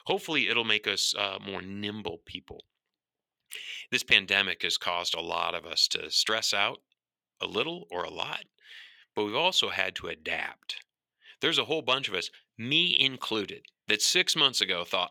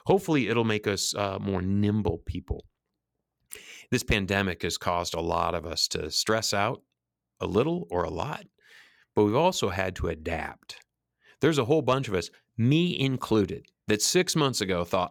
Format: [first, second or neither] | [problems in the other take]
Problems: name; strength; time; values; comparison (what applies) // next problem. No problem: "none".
second | thin; somewhat; fading below 500 Hz